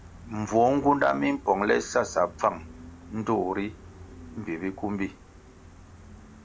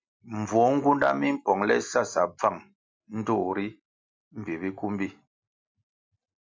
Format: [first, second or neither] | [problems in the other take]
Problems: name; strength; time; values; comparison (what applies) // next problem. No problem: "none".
second | background sound (Gull, seagull); 19 dB below the speech